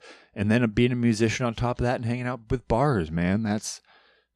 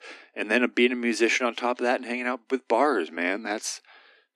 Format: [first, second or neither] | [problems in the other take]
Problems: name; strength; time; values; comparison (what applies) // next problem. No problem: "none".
first | thin; somewhat; fading below 250 Hz